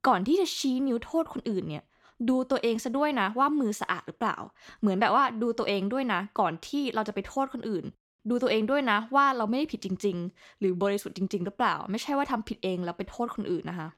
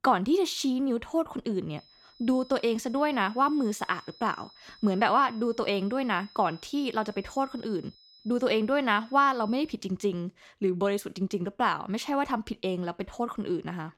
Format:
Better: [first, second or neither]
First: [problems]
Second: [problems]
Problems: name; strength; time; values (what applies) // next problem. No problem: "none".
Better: first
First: none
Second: high-pitched whine; faint; from 2 to 10 s; 5 kHz, 25 dB below the speech